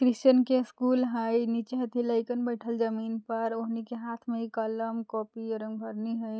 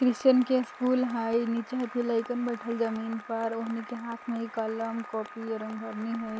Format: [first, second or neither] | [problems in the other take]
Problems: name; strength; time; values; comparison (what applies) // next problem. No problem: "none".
first | background sound (Applause + Organ); 15 dB below the speech